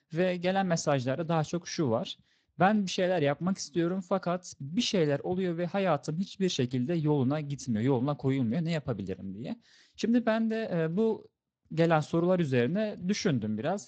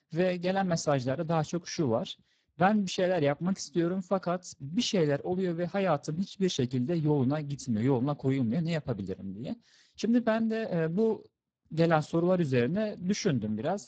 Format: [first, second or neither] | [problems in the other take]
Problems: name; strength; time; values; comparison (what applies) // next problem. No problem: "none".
first | garbled, watery; badly; slightly in the first